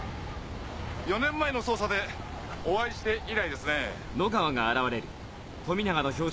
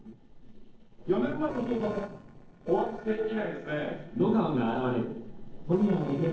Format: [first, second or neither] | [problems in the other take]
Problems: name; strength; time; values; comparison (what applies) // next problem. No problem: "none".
first | noise reduction (neural separator model SepFormer DNS4)